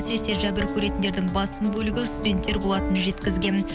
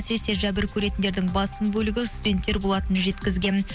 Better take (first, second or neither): second